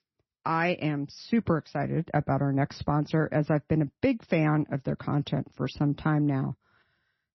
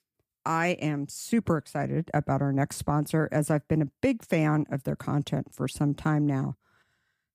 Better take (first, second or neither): second